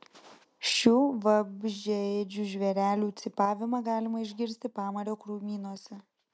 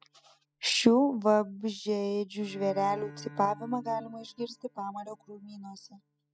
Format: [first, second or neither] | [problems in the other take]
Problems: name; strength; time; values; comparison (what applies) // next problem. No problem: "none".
first | noise reduction (classical method spectral subtraction)